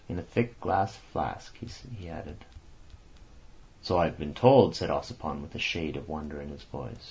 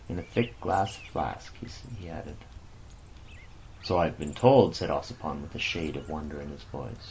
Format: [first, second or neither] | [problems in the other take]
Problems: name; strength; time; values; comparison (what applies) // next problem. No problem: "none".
first | background sound (Chirp, tweet); 18 dB below the speech